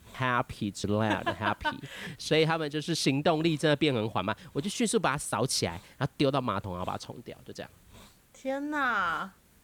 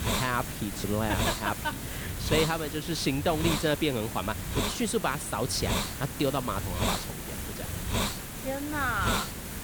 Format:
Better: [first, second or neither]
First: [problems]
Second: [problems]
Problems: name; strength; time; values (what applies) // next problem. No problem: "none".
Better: first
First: hiss; faint; throughout; 30 dB below the speech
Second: hiss; loud; throughout; 2 dB below the speech